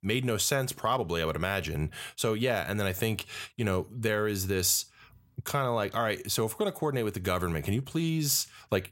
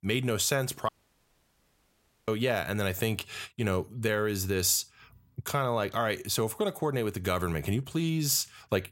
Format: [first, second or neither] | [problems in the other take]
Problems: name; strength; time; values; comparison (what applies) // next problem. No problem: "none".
first | audio cutting out; at 1 s for 1.5 s